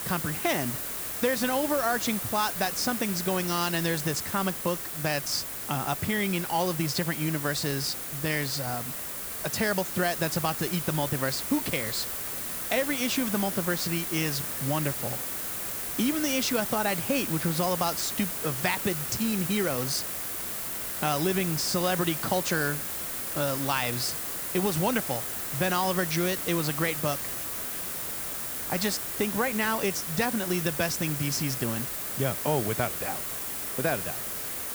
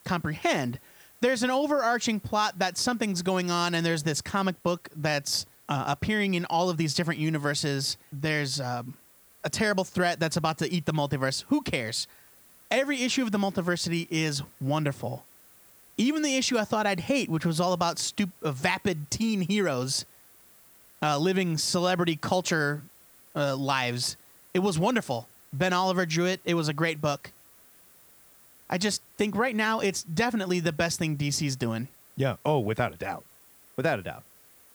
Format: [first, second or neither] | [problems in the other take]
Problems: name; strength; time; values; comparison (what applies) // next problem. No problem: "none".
second | hiss; loud; throughout; 2 dB below the speech; faint in the second